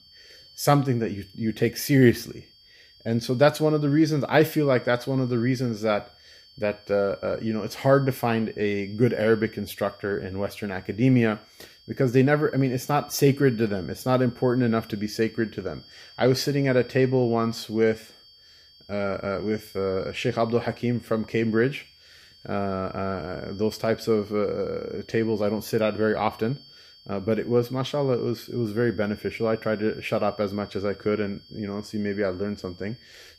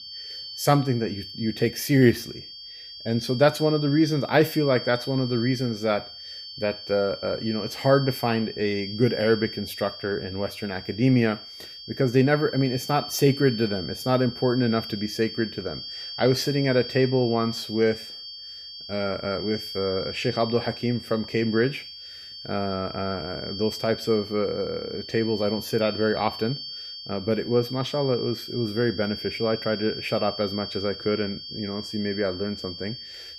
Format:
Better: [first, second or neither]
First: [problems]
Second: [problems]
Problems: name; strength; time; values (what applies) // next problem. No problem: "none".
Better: first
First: high-pitched whine; faint; throughout; 4.5 kHz, 25 dB below the speech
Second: high-pitched whine; loud; throughout; 4.5 kHz, 10 dB below the speech